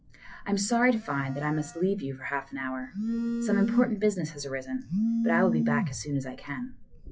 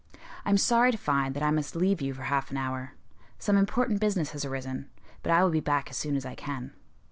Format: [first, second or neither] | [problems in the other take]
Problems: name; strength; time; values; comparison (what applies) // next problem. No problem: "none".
second | noise reduction (classical method WPE with log-MMSE)